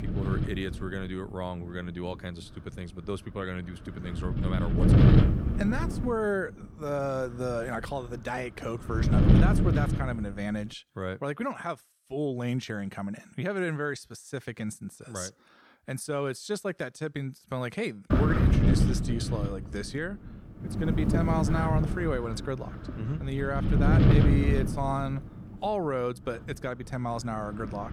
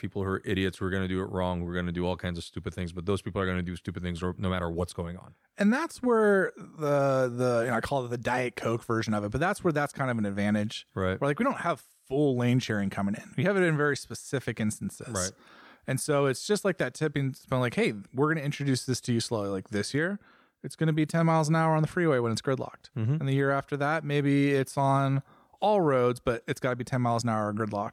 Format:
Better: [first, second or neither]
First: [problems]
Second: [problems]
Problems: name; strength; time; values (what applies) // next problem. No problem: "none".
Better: second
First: wind noise on the microphone; heavy; until 11 s and from 18 s on; as loud as the speech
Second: none